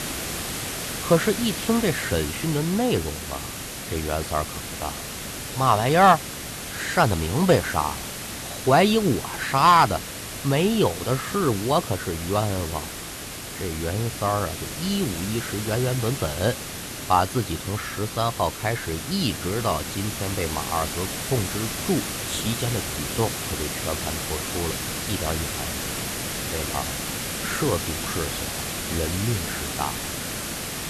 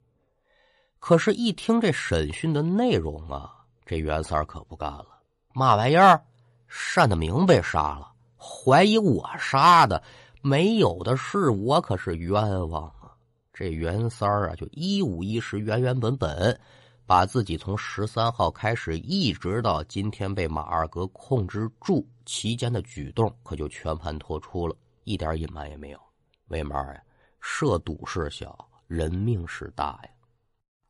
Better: second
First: hiss; loud; throughout; 5 dB below the speech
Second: none

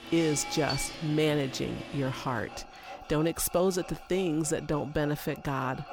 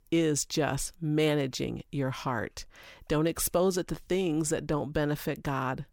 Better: second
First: machinery noise; noticeable; throughout; 10 dB below the speech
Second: none

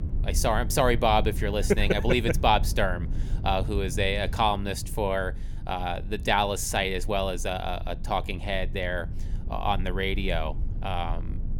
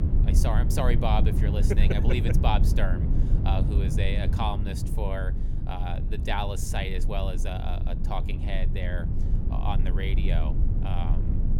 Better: first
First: low rumble; faint; throughout; 20 dB below the speech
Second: low rumble; loud; throughout; 7 dB below the speech

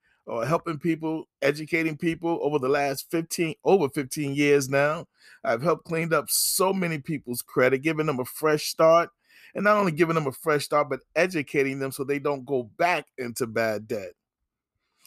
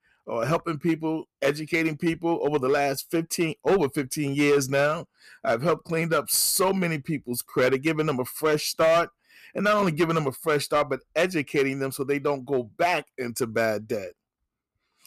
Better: first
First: none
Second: distortion; slight; 4% of the sound clipped

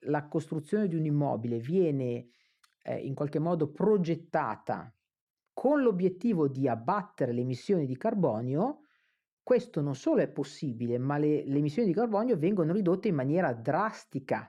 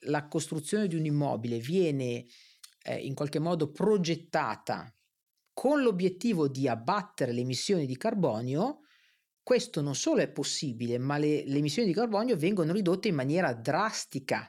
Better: second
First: muffled; very; fading above 2.5 kHz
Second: none

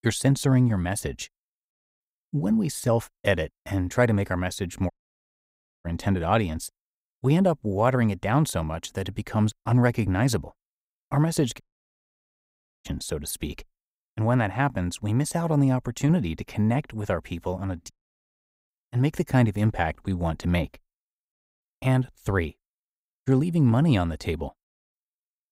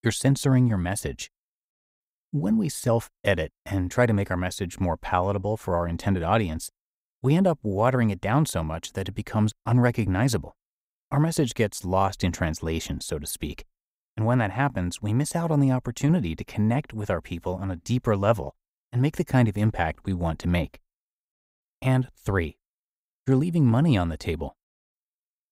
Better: second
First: audio cutting out; at 5 s for 1 s, at 12 s for 1 s and at 18 s for 1 s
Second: none

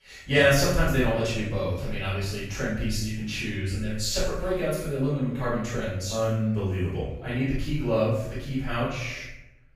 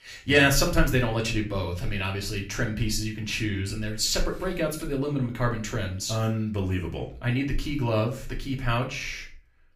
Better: second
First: room echo; strong; dies away in 0.8 s // off-mic speech; far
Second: room echo; slight; dies away in 0.3 s // off-mic speech; far

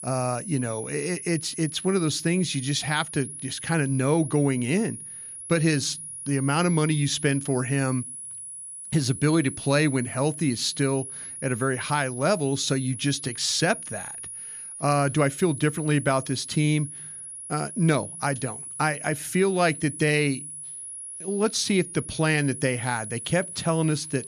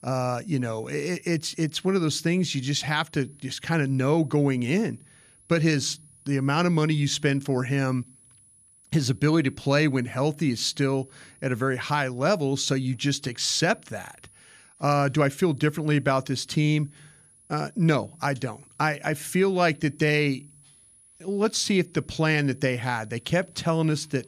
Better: second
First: high-pitched whine; loud; throughout; 10.5 kHz, 10 dB below the speech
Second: high-pitched whine; faint; throughout; 10.5 kHz, 30 dB below the speech

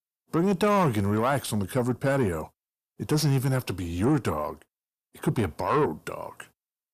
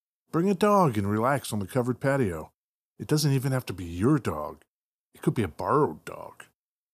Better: second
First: distortion; slight; 10 dB below the speech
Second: none

